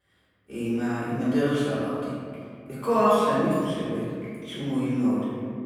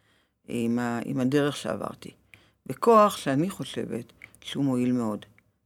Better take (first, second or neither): second